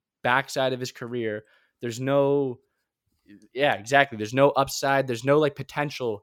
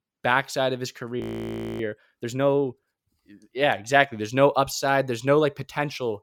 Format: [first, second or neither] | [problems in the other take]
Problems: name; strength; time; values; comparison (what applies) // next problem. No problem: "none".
first | audio freezing; at 1 s for 0.5 s